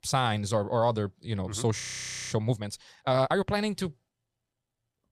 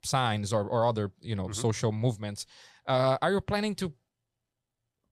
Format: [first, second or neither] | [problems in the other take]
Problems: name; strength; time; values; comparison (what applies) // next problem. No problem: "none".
second | audio freezing; at 2 s for 0.5 s